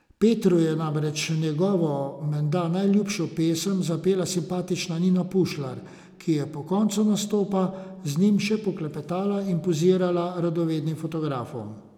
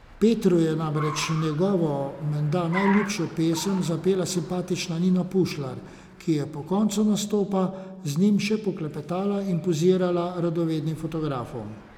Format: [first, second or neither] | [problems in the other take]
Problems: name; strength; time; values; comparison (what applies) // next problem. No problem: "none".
first | background sound (Car); 16 dB below the speech